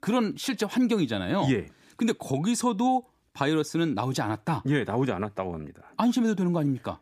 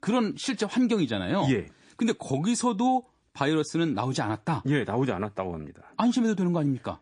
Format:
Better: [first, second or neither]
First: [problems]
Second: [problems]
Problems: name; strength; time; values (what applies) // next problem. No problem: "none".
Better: first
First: none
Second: garbled, watery; slightly; nothing above 9 kHz